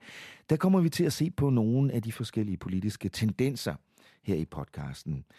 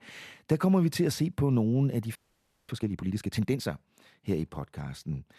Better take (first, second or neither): first